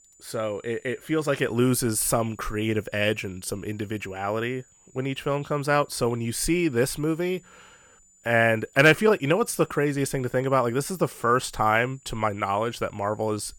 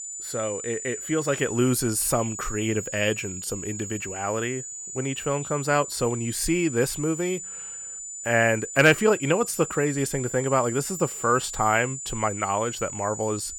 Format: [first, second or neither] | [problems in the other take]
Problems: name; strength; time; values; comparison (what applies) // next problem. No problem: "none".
first | high-pitched whine; loud; throughout; 7 kHz, 8 dB below the speech; faint in the first